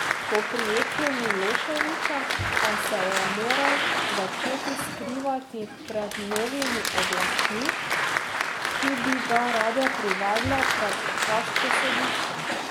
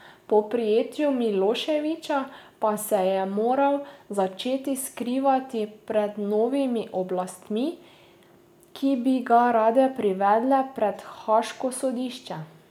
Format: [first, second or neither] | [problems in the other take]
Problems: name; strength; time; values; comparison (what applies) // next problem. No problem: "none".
second | background sound (Applause); 4 dB above the speech